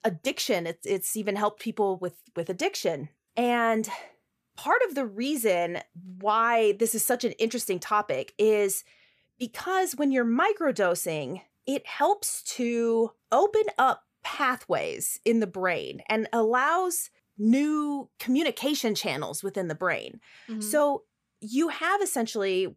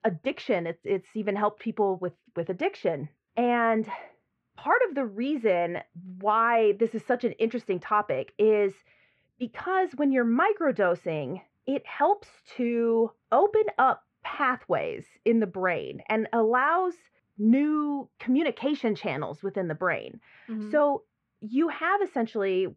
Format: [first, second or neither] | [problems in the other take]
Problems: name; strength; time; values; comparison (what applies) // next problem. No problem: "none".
first | muffled; very; fading above 2.5 kHz